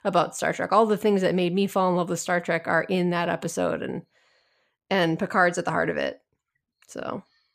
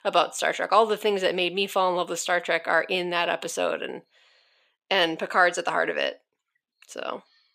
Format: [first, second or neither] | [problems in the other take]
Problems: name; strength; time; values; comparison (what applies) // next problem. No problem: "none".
first | thin; somewhat; fading below 400 Hz